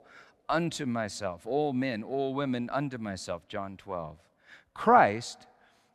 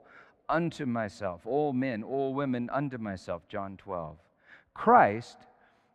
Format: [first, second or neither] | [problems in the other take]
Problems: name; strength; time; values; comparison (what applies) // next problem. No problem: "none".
first | muffled; slightly; fading above 3.5 kHz